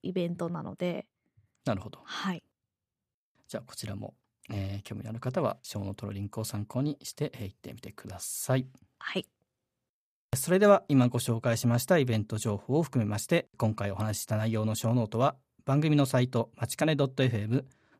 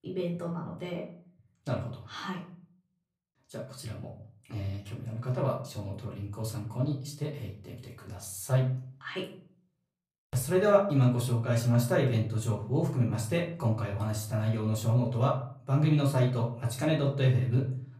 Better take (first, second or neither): first